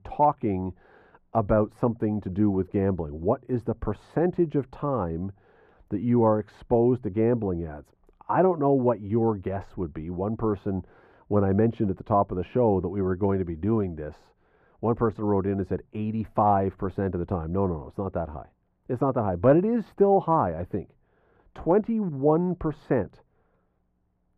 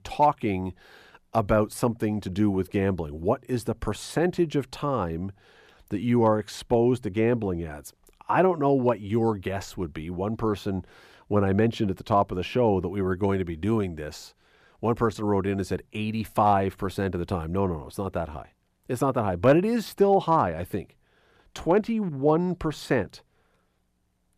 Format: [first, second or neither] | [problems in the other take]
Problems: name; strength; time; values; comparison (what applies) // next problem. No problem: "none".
second | muffled; very; fading above 2.5 kHz